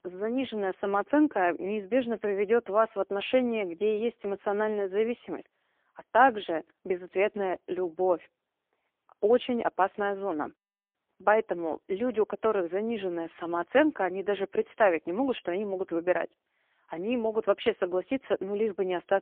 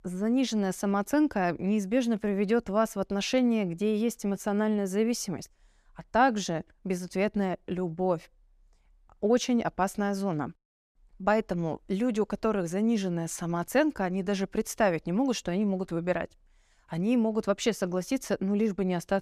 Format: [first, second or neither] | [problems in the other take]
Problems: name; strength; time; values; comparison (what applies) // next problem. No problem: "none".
second | phone-call audio; poor line